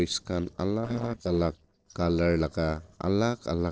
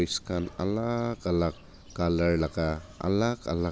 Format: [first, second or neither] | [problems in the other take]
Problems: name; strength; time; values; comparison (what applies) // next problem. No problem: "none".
second | noise reduction (neural separator model SepFormer DNS4)